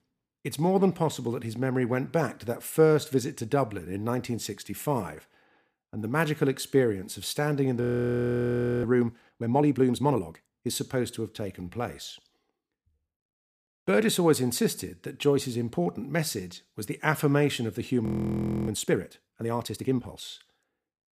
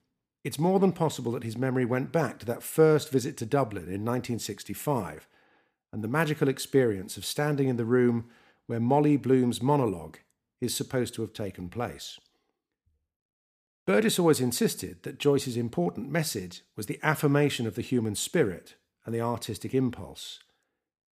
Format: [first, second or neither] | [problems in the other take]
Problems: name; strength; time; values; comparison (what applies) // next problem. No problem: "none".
second | audio freezing; at 8 s for 1 s and at 18 s for 0.5 s